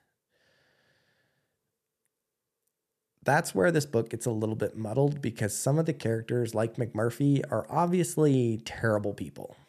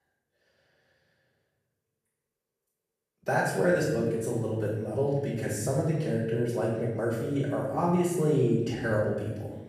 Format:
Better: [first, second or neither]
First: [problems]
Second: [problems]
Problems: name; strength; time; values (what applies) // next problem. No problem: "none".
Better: first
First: none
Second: off-mic speech; far // room echo; noticeable; dies away in 1.1 s